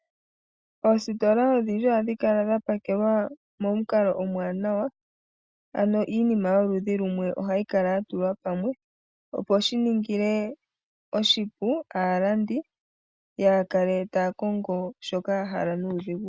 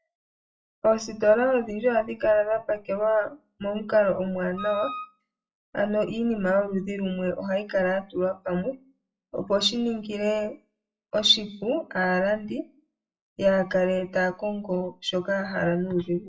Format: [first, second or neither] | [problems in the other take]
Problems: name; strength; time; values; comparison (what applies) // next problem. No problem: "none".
first | noise reduction (classical method WPE with log-MMSE)